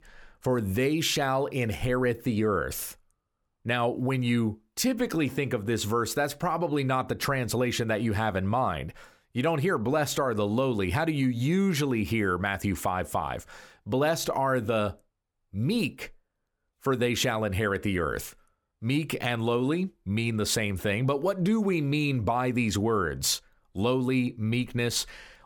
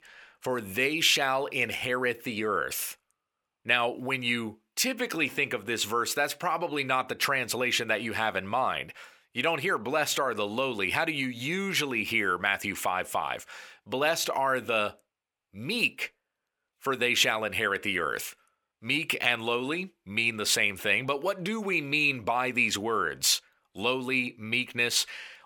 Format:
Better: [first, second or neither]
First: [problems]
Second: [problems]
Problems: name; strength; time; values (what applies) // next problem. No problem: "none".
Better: first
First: none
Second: thin; somewhat; fading below 700 Hz